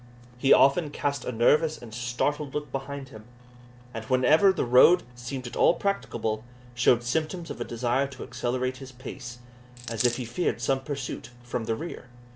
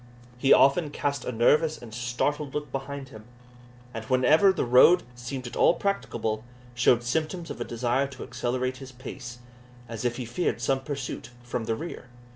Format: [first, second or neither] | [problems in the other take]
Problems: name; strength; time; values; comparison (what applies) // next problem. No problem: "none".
second | background sound (Coin (dropping)); 8 dB below the speech